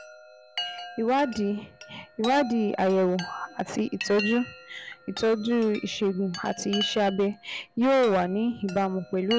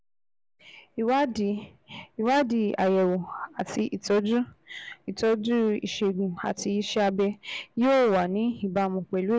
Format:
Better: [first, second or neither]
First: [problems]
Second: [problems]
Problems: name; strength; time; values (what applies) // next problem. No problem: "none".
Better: second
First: background sound (Chime); 13 dB below the speech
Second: none